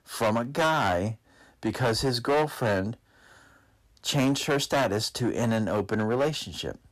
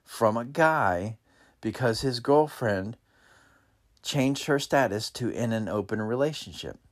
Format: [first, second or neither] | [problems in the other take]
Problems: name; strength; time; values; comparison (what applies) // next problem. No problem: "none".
second | distortion; heavy; 10% of the sound clipped